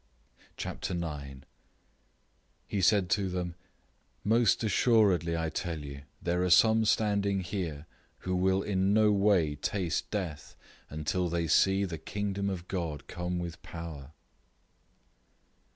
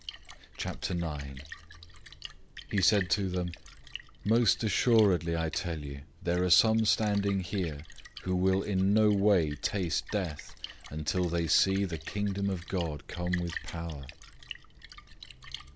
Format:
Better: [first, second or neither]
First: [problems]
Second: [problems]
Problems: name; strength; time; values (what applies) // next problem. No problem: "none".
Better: first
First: none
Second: background sound (Splash, splatter); 15 dB below the speech